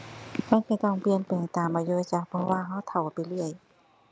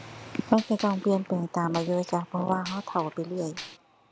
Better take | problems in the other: first | background sound (Gunshot, gunfire); 17 dB below the speech

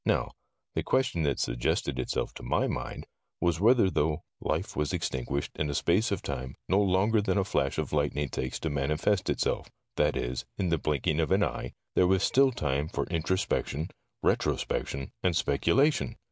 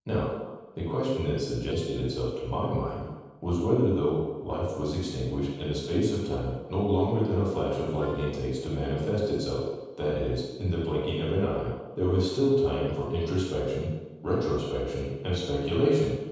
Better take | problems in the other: first | noise reduction (neural separator model SepFormer DNS4)

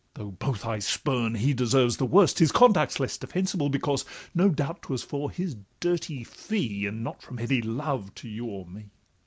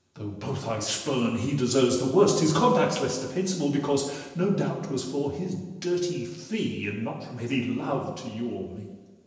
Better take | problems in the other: first | room echo; dies away in 1 s

